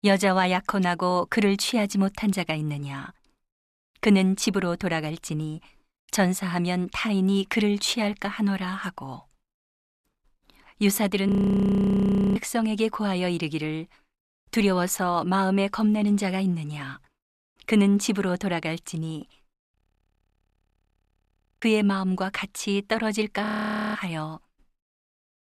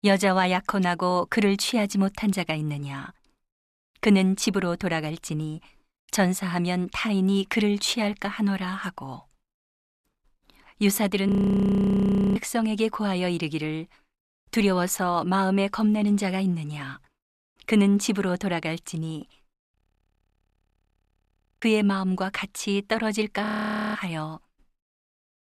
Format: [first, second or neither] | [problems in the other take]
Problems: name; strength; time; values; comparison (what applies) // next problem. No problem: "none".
neither | audio freezing; at 11 s for 1 s, at 20 s for 2 s and at 23 s for 0.5 s; the same in both